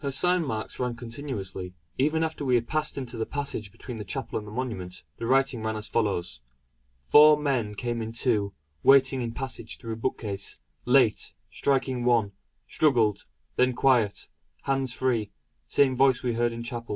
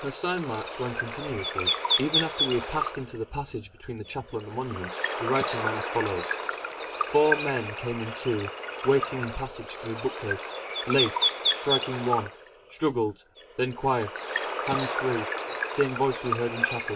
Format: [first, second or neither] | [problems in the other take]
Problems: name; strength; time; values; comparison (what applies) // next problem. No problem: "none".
first | background sound (Water / Bird); 1 dB below the speech